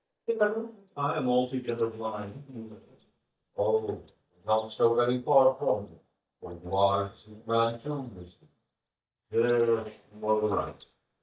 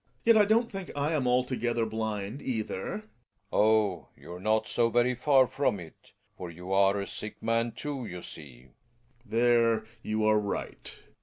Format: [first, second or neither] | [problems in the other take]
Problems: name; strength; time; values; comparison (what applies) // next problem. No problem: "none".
second | noise reduction (neural mask model DeepFilterNet 3)